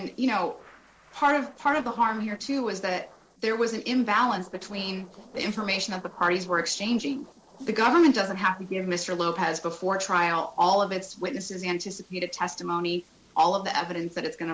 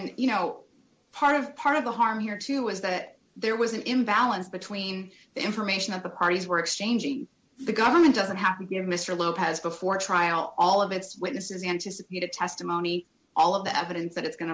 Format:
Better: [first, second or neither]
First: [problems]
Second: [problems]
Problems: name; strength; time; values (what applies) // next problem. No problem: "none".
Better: second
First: noise reduction (neural separator model SepFormer DNS4)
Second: none